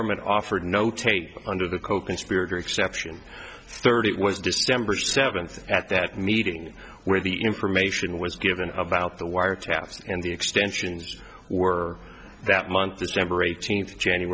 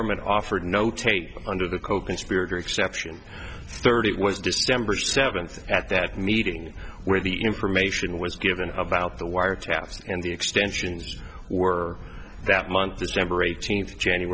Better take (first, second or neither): first